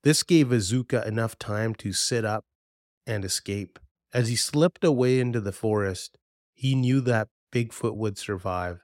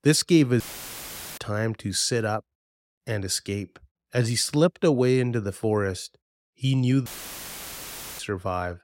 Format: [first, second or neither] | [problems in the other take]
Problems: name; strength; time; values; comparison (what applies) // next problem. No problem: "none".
first | audio cutting out; filled with static; at 0.5 s for 1 s and at 7 s for 1 s